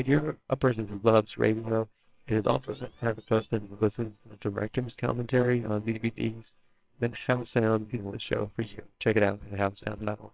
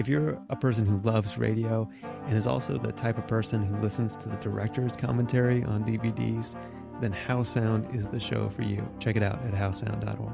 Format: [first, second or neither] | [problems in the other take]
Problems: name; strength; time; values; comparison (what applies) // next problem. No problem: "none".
second | noise reduction (neural separator model SepFormer WHAMR!)